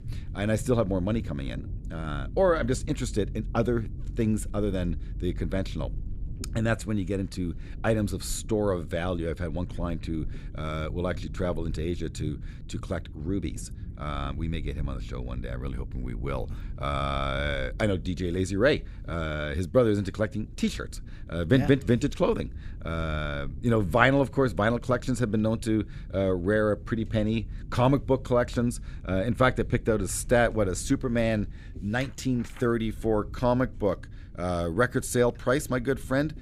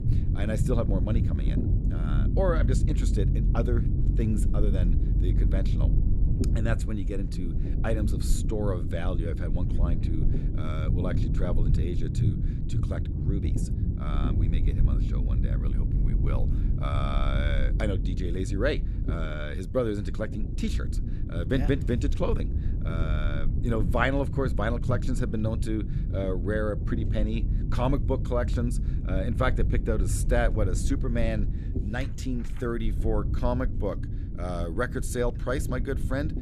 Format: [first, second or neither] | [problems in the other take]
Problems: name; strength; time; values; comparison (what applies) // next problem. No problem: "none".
first | low rumble; loud; throughout; 9 dB below the speech; faint in the first